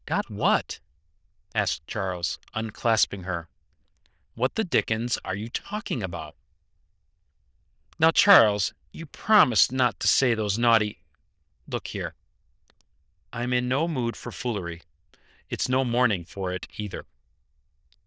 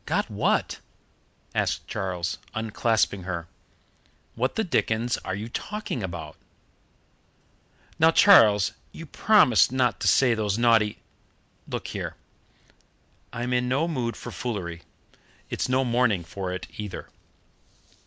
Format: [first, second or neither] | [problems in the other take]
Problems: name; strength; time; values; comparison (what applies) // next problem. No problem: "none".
second | noise reduction (neural diffusion model UNIVERSE++)